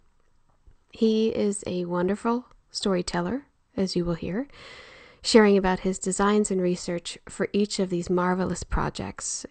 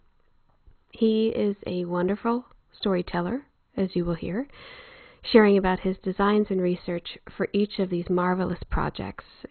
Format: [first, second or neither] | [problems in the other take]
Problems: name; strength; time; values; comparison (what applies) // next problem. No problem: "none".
first | garbled, watery; badly; nothing above 4 kHz; slightly in the first